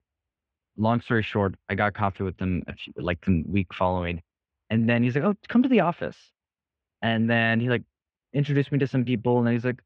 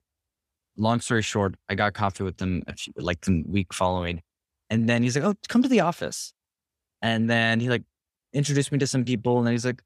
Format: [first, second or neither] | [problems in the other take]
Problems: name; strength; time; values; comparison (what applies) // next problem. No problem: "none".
second | muffled; very; fading above 2.5 kHz